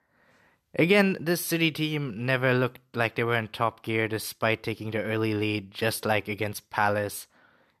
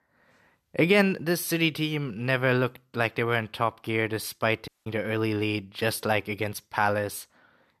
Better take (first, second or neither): first